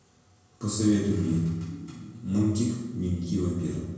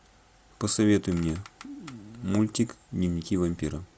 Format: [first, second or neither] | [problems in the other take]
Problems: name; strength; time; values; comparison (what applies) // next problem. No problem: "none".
second | room echo; dies away in 1 s